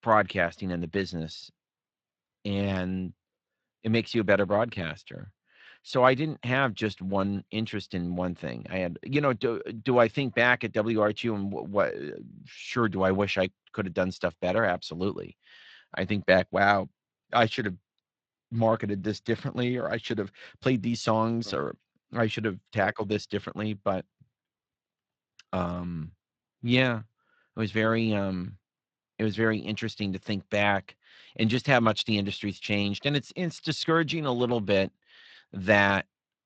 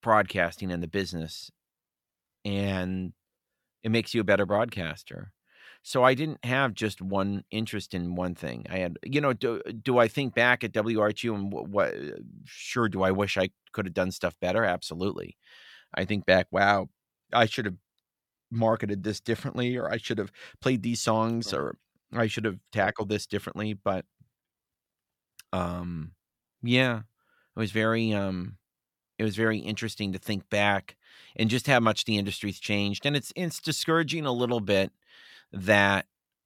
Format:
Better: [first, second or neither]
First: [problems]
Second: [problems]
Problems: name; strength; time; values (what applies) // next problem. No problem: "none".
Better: second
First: garbled, watery; slightly; nothing above 7.5 kHz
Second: none